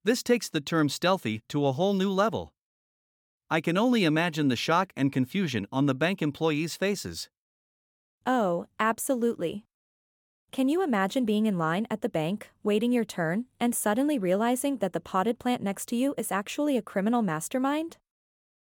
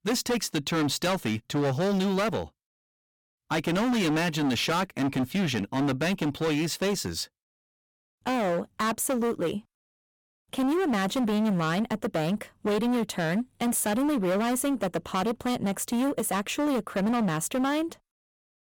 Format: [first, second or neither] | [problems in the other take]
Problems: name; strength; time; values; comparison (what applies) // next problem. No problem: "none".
first | distortion; heavy; 22% of the sound clipped